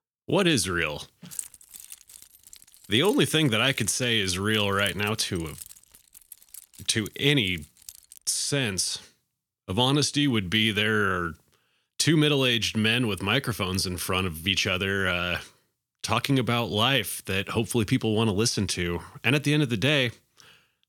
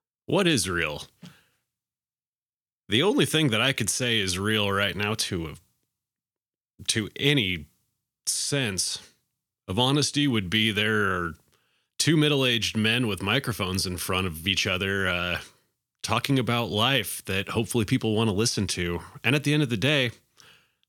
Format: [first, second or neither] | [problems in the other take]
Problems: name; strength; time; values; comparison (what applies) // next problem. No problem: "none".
second | jangling keys; faint; from 1.5 to 8 s; peak 10 dB below the speech